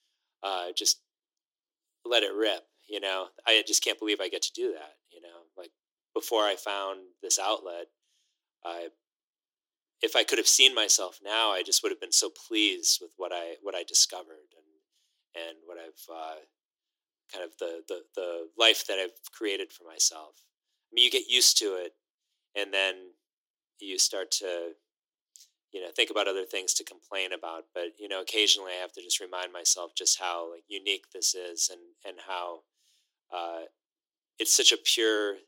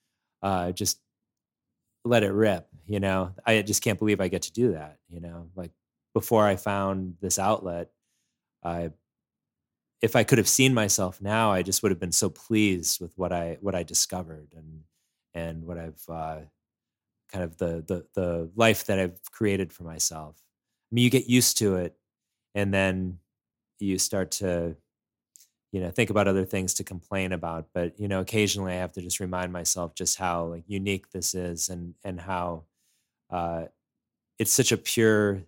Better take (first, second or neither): second